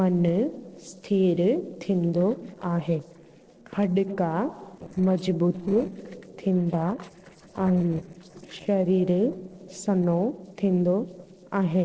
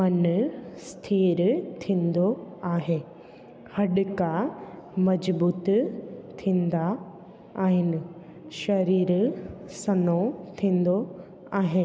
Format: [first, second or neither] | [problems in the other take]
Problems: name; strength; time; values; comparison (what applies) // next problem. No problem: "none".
second | noise reduction (neural separator model SepFormer DNS4)